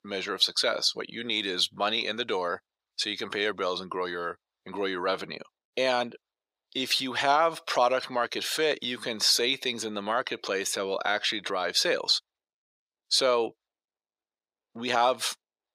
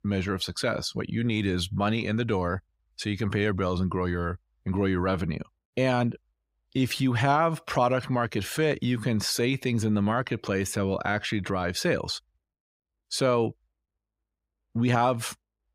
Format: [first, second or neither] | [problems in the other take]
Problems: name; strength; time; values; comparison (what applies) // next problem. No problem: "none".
second | thin; somewhat; fading below 500 Hz